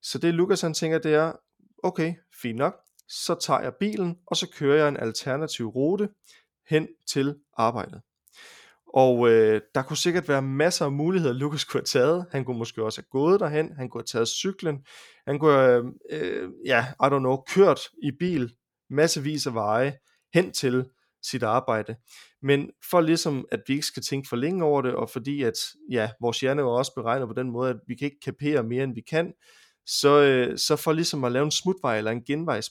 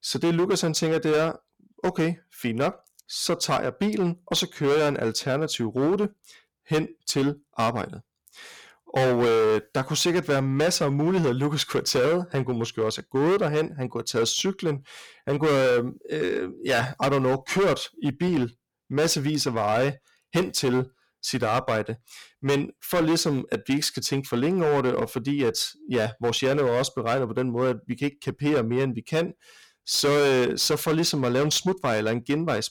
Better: first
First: none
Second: distortion; heavy; 12% of the sound clipped

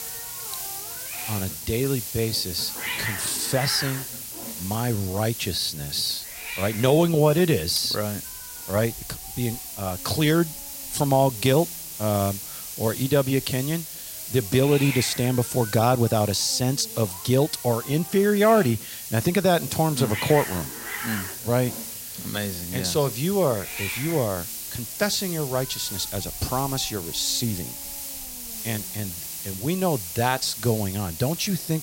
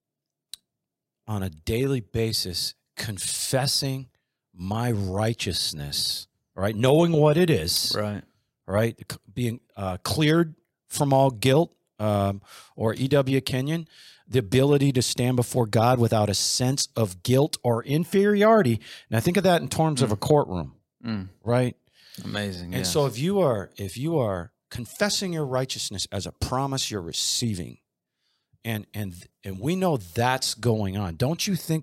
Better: second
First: hiss; loud; throughout; 8 dB below the speech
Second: none

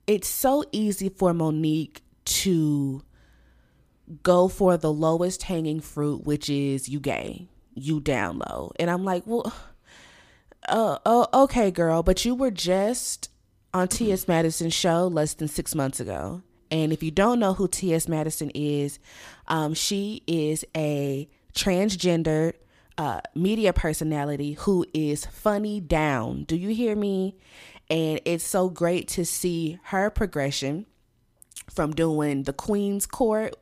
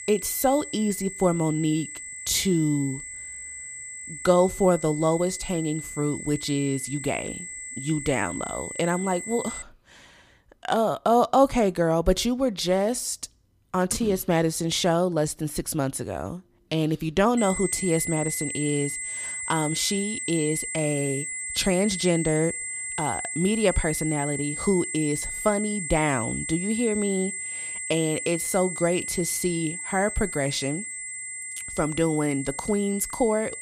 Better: first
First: none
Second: high-pitched whine; loud; until 9.5 s and from 17 s on; 2 kHz, 6 dB below the speech

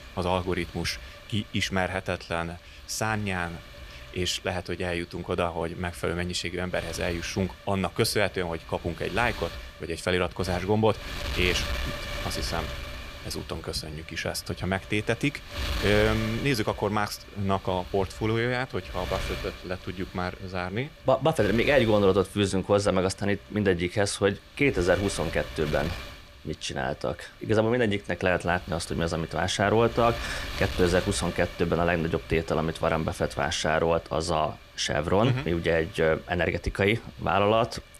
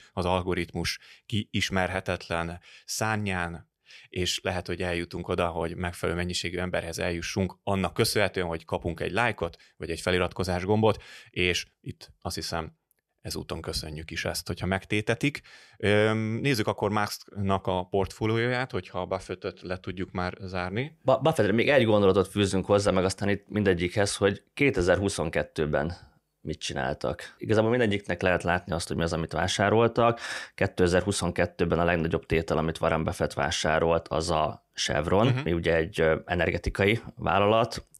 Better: second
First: wind noise on the microphone; occasional gusts; 10 dB below the speech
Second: none

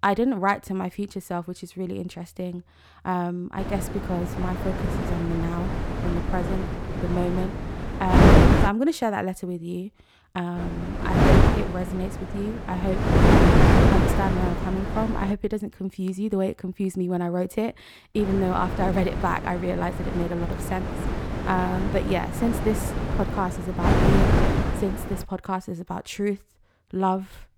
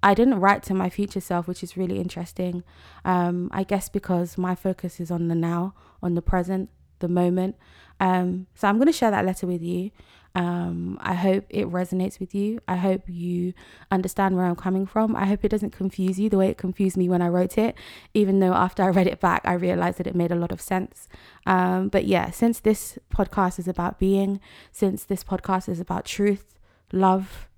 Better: second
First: wind noise on the microphone; heavy; from 3.5 to 8.5 s, from 11 to 15 s and from 18 to 25 s; 2 dB above the speech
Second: none

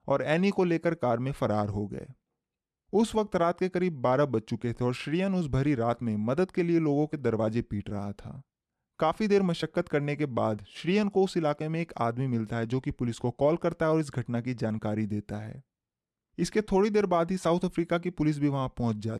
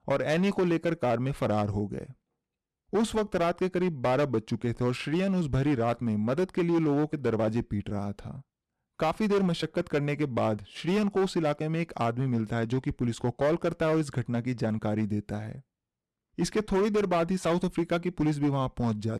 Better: first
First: none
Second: distortion; slight; 9% of the sound clipped

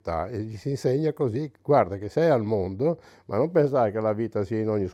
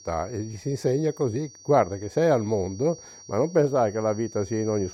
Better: first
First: none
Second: high-pitched whine; noticeable; throughout; 5.5 kHz, 20 dB below the speech

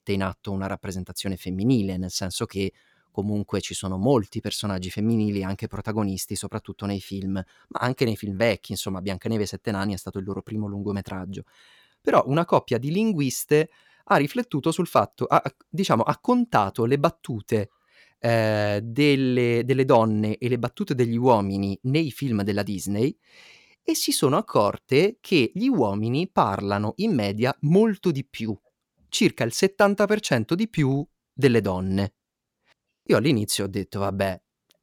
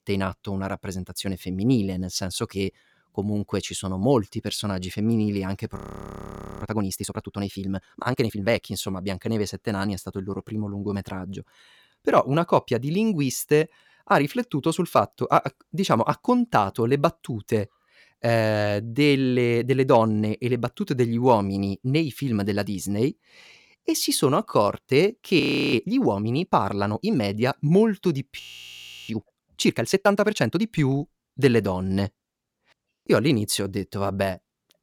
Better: first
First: none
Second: audio freezing; at 6 s for 1 s, at 25 s and at 28 s for 0.5 s

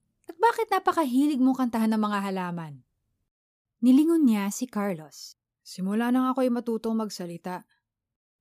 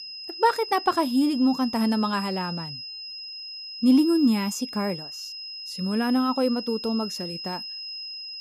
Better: first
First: none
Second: high-pitched whine; loud; throughout; 5 kHz, 10 dB below the speech

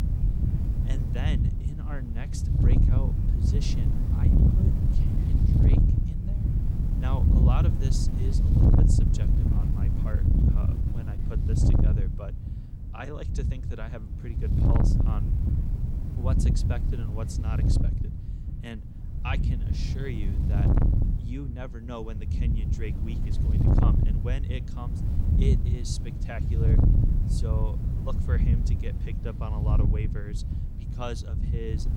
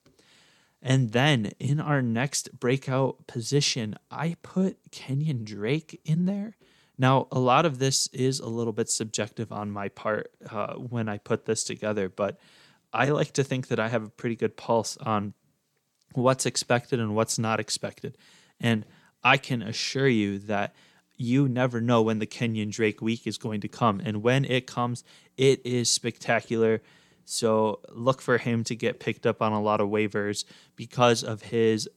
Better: second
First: wind noise on the microphone; heavy; 2 dB above the speech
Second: none

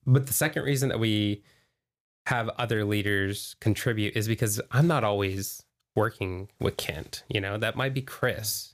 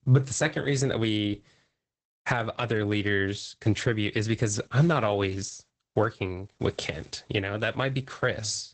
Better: first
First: none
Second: garbled, watery; badly; nothing above 8 kHz

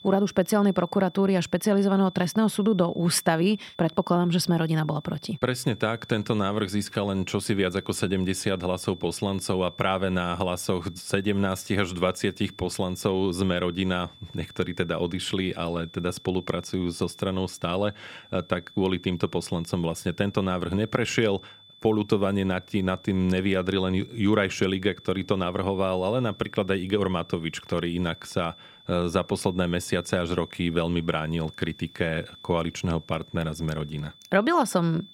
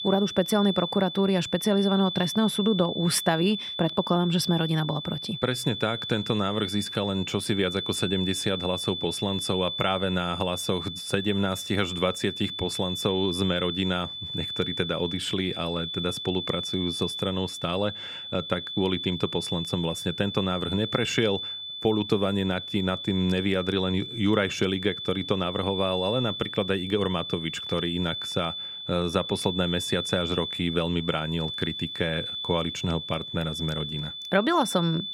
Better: first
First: high-pitched whine; faint; throughout; 3.5 kHz, 20 dB below the speech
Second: high-pitched whine; loud; throughout; 3.5 kHz, 5 dB below the speech

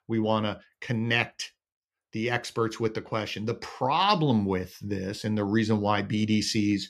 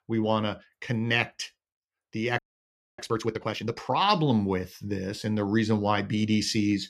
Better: first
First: none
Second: audio freezing; at 2.5 s for 0.5 s

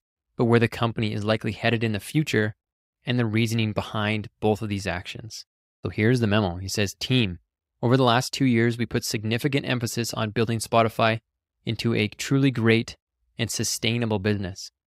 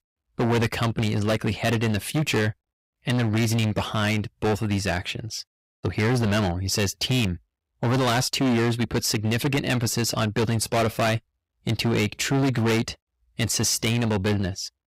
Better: first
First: none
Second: distortion; heavy; 18% of the sound clipped

